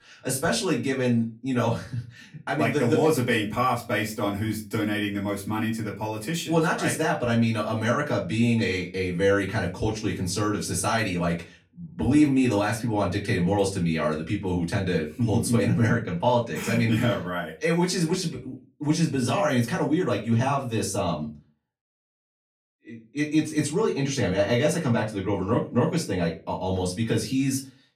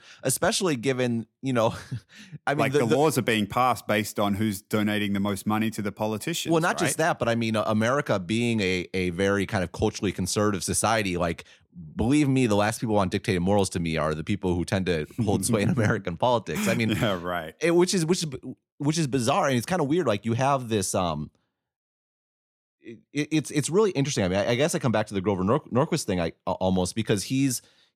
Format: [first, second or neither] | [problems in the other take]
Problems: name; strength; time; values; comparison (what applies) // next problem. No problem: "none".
second | off-mic speech; far // room echo; very slight; dies away in 0.2 s